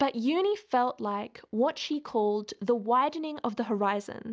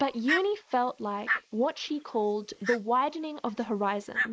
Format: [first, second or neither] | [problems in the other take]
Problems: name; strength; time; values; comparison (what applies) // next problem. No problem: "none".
first | noise reduction (neural mask model Resemble Enhance denoiser)